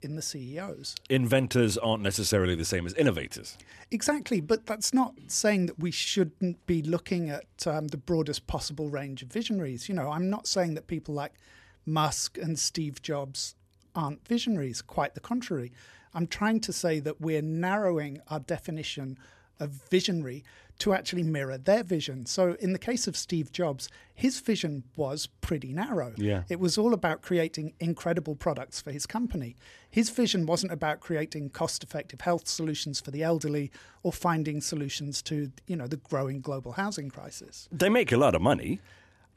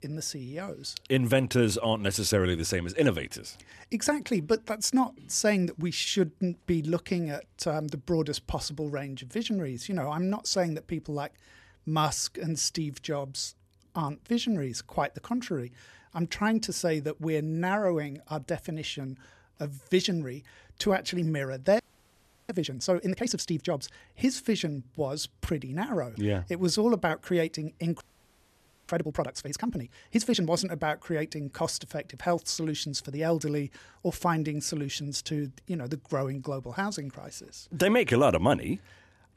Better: first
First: none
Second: audio freezing; at 22 s for 0.5 s and at 28 s for 1 s

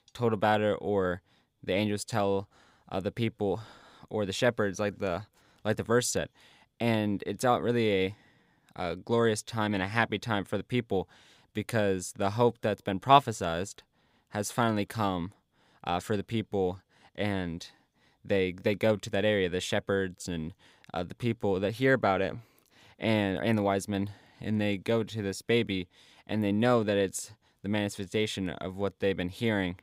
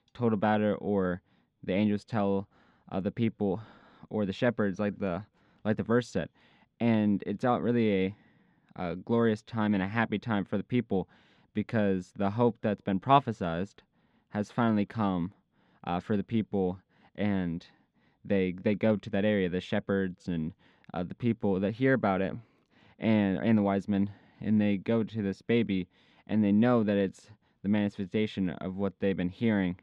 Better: first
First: none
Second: muffled; slightly; fading above 3 kHz

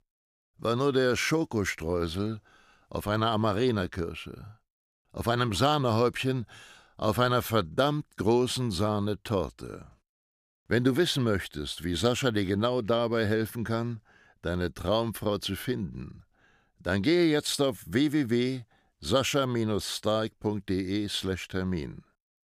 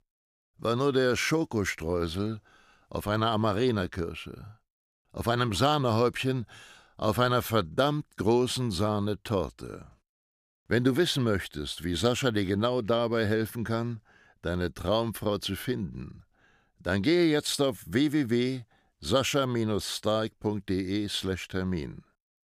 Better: neither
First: none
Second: none

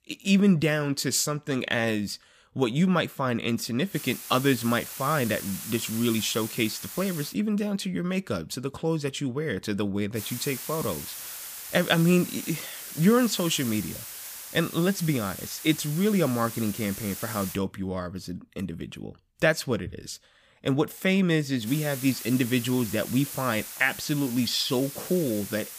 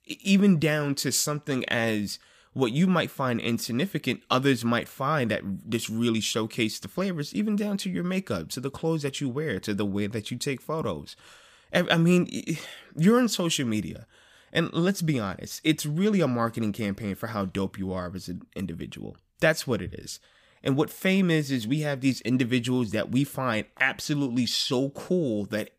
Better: second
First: hiss; loud; from 4 to 7.5 s, from 10 to 18 s and from 22 s on; 10 dB below the speech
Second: none

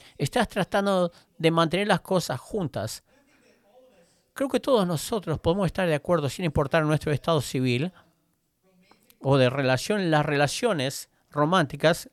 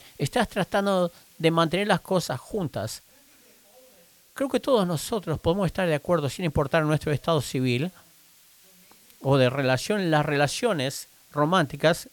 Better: first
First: none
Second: hiss; faint; throughout; 30 dB below the speech

